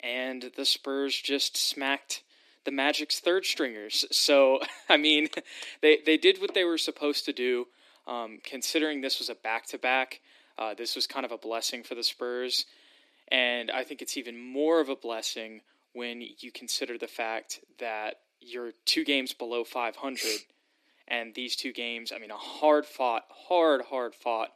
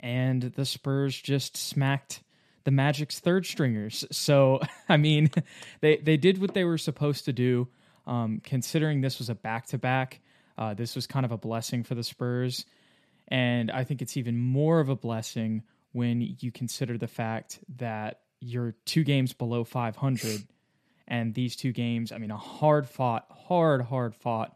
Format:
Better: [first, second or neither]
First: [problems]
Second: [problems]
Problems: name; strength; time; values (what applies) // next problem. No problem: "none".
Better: second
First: thin; somewhat; fading below 300 Hz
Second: none